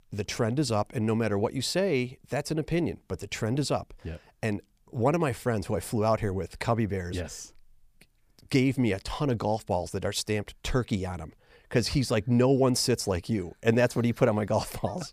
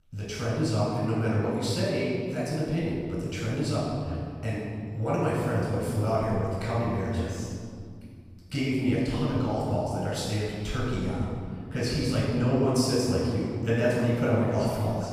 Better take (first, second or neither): first